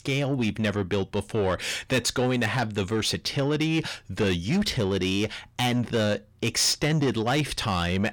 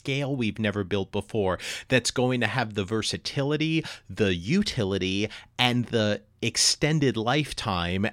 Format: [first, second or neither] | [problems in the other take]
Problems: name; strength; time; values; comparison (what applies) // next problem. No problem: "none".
second | distortion; slight; 10 dB below the speech